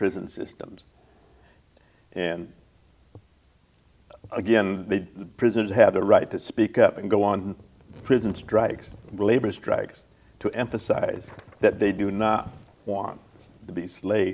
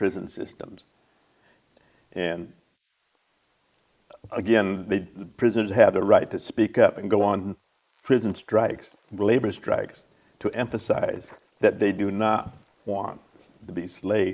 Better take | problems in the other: first | noise reduction (neural mask model Resemble Enhance denoiser)

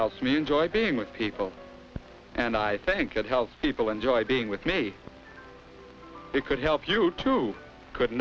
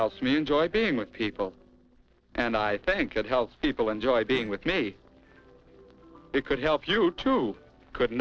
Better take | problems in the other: first | noise reduction (neural separator model SepFormer DNS4)

